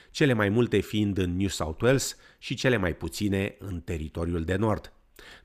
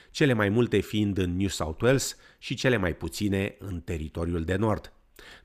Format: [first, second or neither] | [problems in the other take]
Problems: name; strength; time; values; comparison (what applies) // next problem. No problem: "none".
neither | none